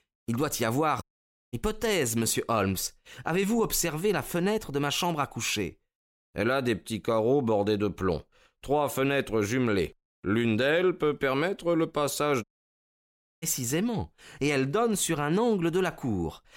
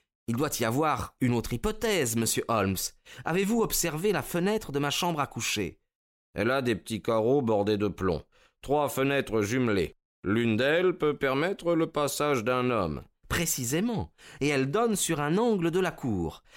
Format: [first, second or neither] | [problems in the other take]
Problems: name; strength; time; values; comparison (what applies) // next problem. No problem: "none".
second | audio cutting out; at 1 s for 0.5 s and at 12 s for 1 s